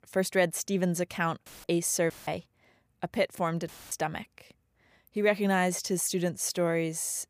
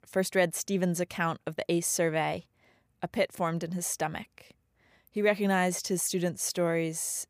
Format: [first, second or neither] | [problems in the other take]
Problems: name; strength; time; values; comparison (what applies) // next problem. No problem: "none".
second | audio cutting out; filled with static; at 1.5 s, at 2 s and at 3.5 s